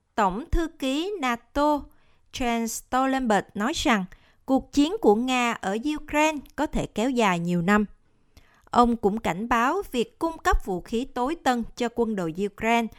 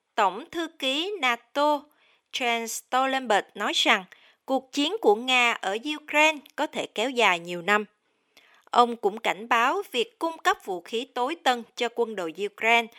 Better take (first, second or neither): first